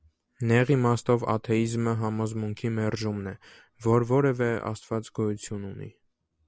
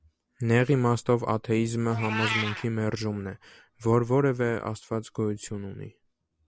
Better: first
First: none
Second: background sound (Meow); 13 dB below the speech

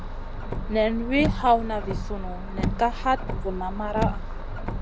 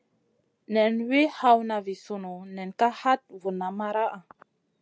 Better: second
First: background sound (Car); 2 dB below the speech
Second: none

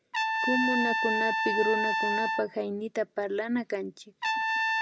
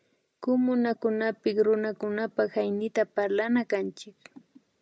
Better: second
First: background sound (Trumpet); 2 dB above the speech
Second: none

